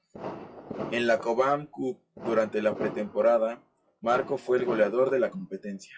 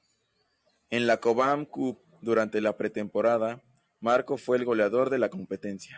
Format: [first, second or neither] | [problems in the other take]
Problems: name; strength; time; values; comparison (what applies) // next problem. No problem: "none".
second | noise reduction (classical method WPE with log-MMSE)